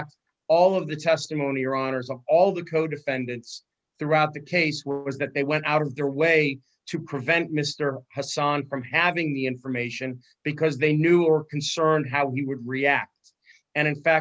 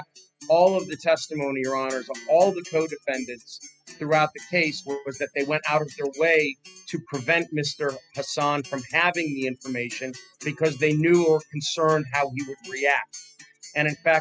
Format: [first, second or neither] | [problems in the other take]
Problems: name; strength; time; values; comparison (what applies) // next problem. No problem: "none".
first | noise reduction (classical method spectral subtraction)